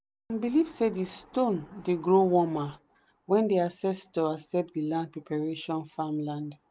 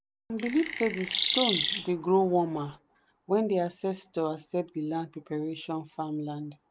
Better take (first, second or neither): first